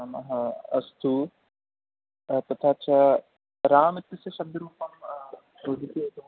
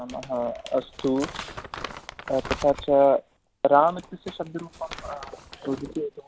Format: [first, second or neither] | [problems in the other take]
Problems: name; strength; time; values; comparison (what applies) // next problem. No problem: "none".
first | background sound (Crumpling, crinkling); 14 dB below the speech